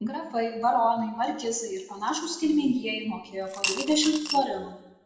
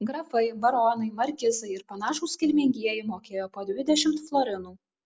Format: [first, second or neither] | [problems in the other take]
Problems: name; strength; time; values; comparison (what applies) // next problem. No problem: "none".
second | background sound (Coin (dropping) / Glass); 6 dB below the speech // room echo; dies away in 0.9 s